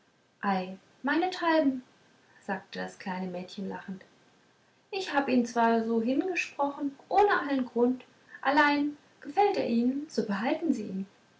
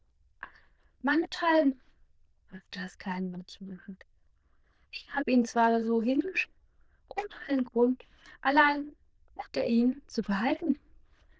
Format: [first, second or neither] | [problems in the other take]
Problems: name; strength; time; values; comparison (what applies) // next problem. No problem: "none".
first | noise reduction (neural diffusion model UNIVERSE++)